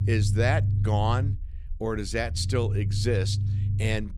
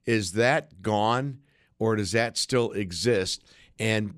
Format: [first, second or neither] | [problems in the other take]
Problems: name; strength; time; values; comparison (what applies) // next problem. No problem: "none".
second | low rumble; noticeable; throughout; 10 dB below the speech